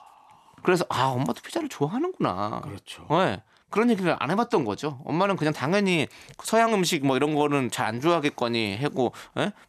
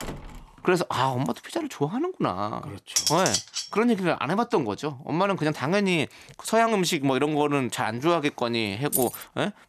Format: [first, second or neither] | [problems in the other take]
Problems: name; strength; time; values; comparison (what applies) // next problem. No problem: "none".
first | door banging; faint; at the start; peak 10 dB below the speech // clattering dishes; loud; at 3 s; peak 2 dB above the speech // jangling keys; noticeable; at 9 s; peak 2 dB below the speech